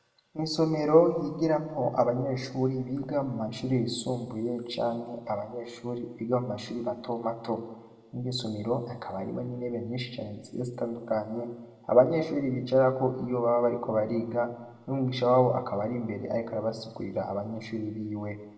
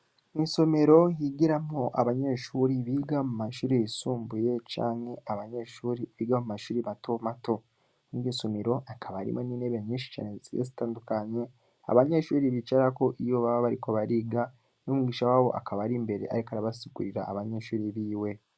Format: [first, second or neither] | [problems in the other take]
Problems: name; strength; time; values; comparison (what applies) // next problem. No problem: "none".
second | room echo; dies away in 1 s